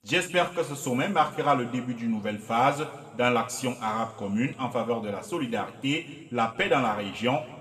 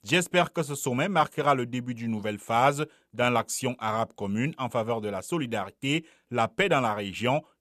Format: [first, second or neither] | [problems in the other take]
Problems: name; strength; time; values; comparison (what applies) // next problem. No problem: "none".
second | room echo; slight; dies away in 2.2 s // off-mic speech; somewhat distant